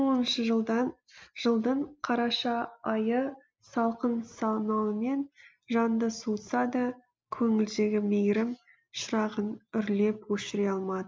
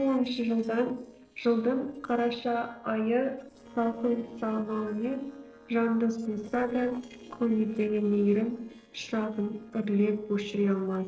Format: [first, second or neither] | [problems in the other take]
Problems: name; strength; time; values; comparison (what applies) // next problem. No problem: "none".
first | noise reduction (neural separator model SepFormer DNS4)